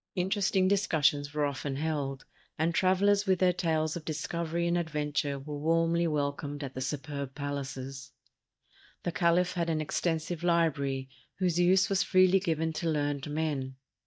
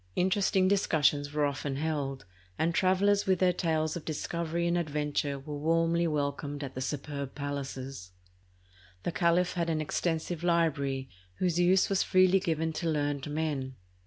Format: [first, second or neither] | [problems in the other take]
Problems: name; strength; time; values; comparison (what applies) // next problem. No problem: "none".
second | noise reduction (neural mask model DeepFilterNet 3)